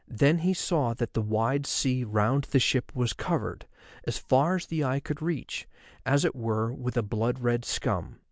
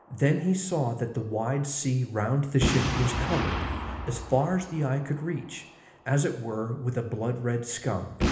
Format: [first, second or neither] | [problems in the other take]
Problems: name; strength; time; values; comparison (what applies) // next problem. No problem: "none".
first | background sound (Boom); 6 dB below the speech // room echo; dies away in 1 s